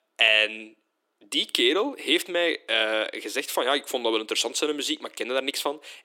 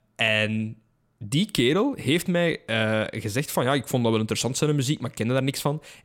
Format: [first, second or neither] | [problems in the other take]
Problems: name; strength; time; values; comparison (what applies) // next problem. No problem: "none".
second | thin; somewhat; fading below 300 Hz